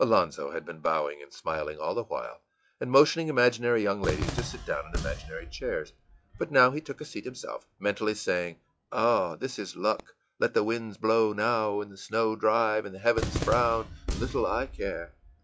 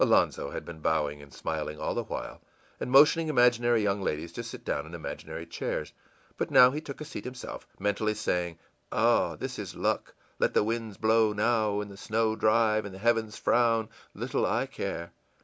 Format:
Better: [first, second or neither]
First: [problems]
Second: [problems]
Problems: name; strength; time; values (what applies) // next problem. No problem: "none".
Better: second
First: noise reduction (classical method log-MMSE)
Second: none